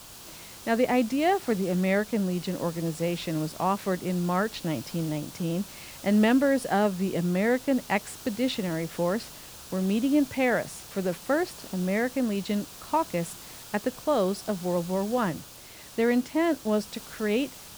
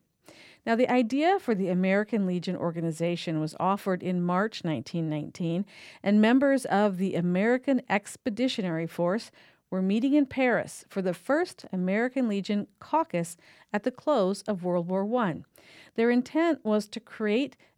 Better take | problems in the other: second | hiss; noticeable; throughout; 15 dB below the speech

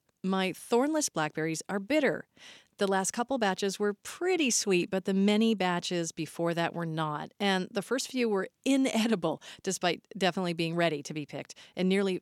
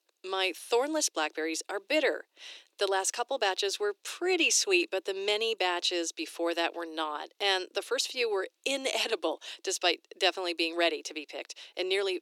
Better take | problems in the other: first | thin; very; fading below 350 Hz

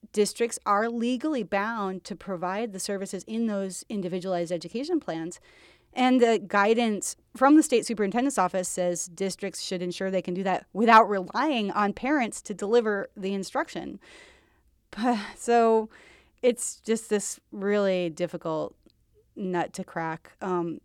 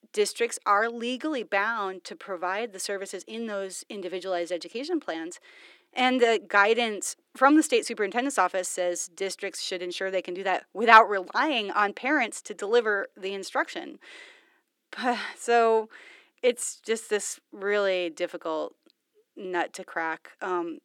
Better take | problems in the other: first | thin; somewhat; fading below 300 Hz

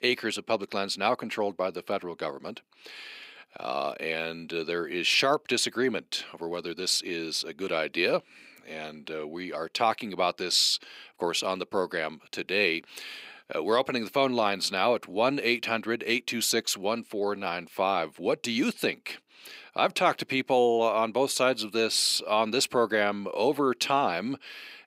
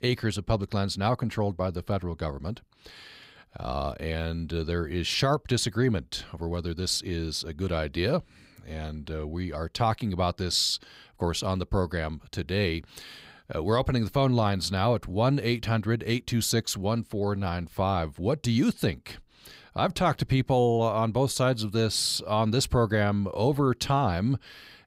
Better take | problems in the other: second | thin; somewhat; fading below 300 Hz

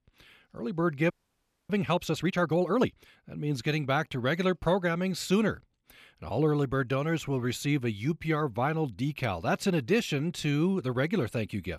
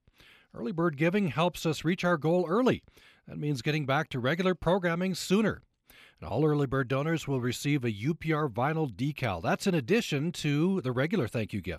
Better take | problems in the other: second | audio freezing; at 1 s for 0.5 s

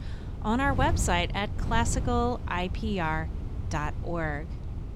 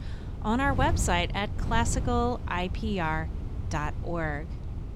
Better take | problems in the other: neither | wind noise on the microphone; occasional gusts; 15 dB below the speech; the same in both

